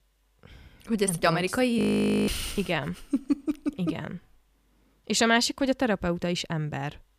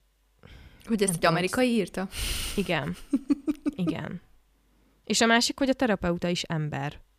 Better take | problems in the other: second | audio freezing; at 2 s

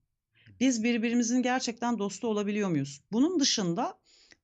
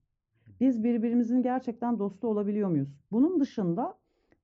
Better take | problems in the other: first | muffled; very slightly; fading above 2 kHz

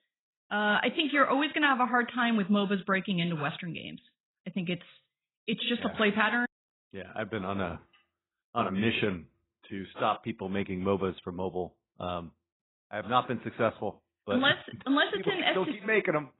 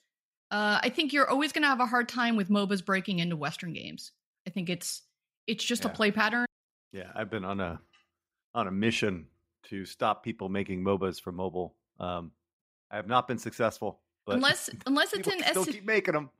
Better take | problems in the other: second | garbled, watery; badly; nothing above 4 kHz

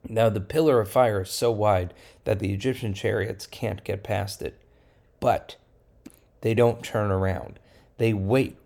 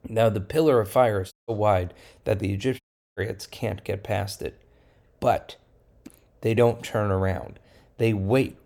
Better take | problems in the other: first | audio cutting out; at 1.5 s and at 3 s

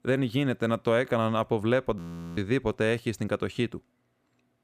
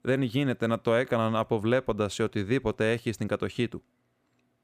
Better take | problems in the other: second | audio freezing; at 2 s

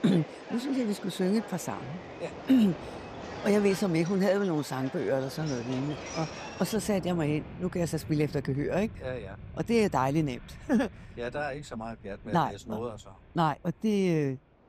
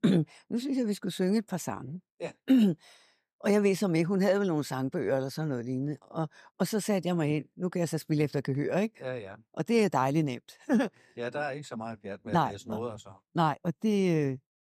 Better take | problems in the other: second | train or aircraft noise; noticeable; throughout; 15 dB below the speech

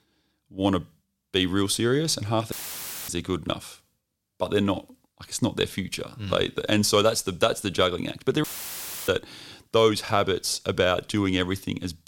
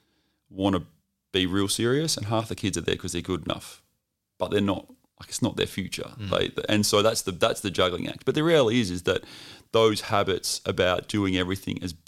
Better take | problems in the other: second | audio cutting out; filled with static; at 2.5 s for 0.5 s and at 8.5 s for 0.5 s

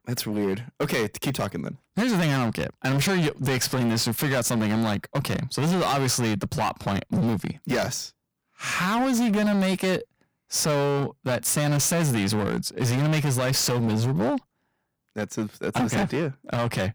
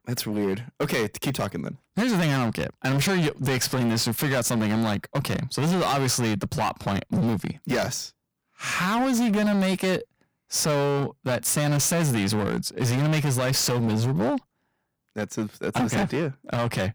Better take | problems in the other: neither | distortion; heavy; 23% of the sound clipped; the same in both

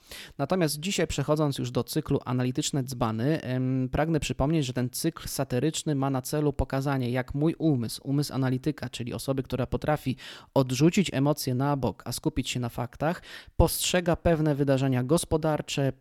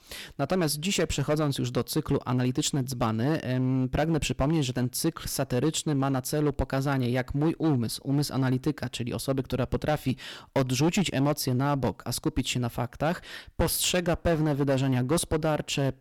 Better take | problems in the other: first | distortion; slight; 7% of the sound clipped

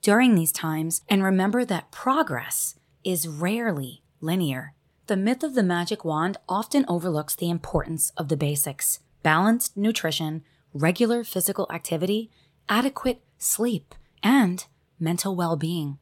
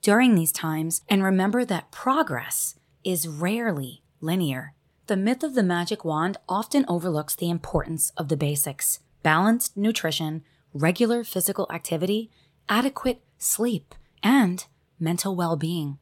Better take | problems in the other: neither | none

